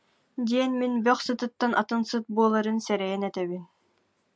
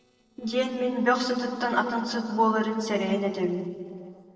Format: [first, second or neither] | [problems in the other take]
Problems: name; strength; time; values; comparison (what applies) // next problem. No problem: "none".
first | noise reduction (neural separator model SepFormer DNS4)